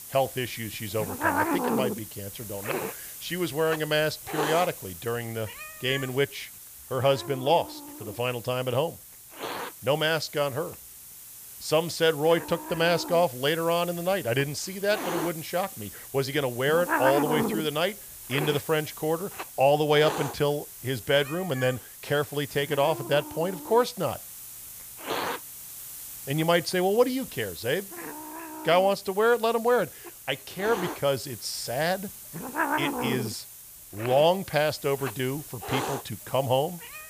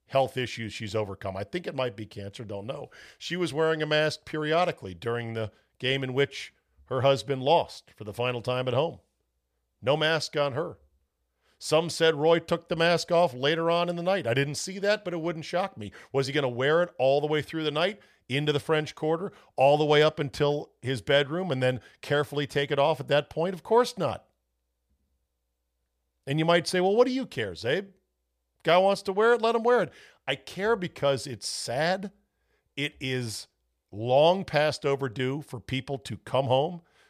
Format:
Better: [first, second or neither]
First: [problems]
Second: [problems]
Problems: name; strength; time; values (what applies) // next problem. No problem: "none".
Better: second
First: hiss; loud; throughout; 8 dB below the speech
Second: none